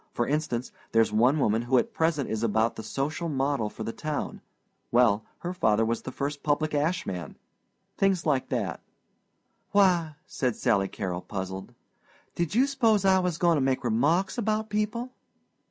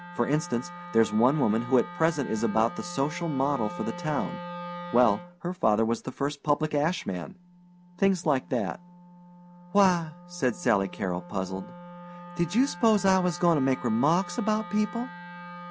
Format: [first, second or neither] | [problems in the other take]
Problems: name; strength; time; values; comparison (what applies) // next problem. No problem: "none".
first | background sound (Wind instrument, woodwind instrument); 14 dB below the speech